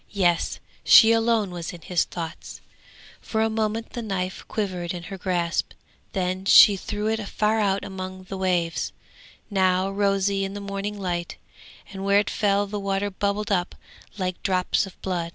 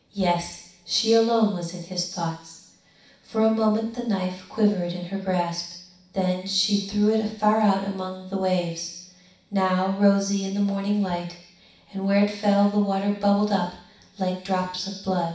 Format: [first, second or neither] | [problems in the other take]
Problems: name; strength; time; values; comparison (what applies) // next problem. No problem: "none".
first | room echo; dies away in 0.7 s